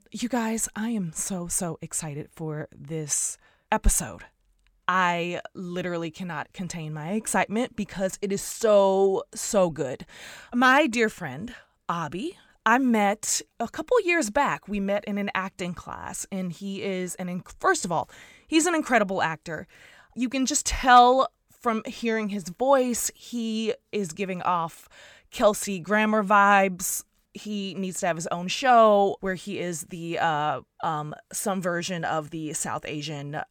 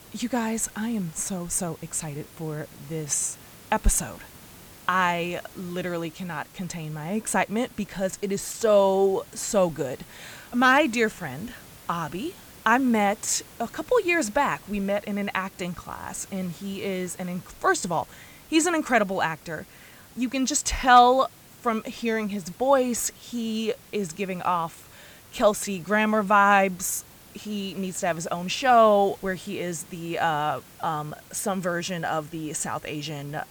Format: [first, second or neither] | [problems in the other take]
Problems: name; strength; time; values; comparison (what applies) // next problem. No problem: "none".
first | hiss; faint; throughout; 20 dB below the speech